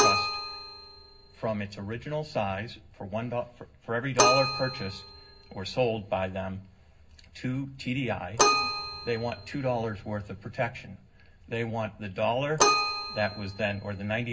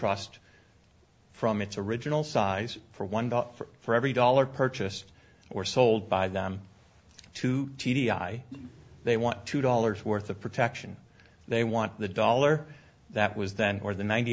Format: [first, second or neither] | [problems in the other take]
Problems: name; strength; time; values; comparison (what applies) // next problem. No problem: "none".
second | background sound (Keyboard (musical)); as loud as the speech // room echo; dies away in 0.4 s